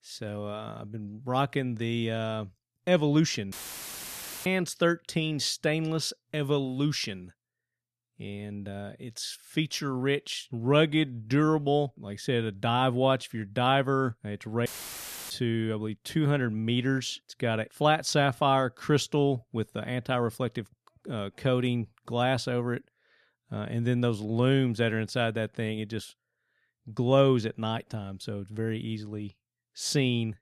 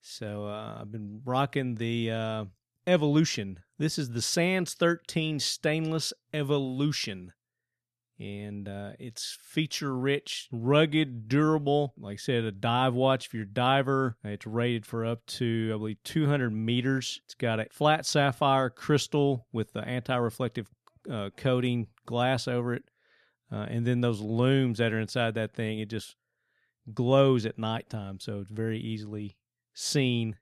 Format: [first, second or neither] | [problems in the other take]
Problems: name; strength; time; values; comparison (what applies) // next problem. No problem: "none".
second | audio cutting out; filled with static; at 3.5 s for 1 s and at 15 s for 0.5 s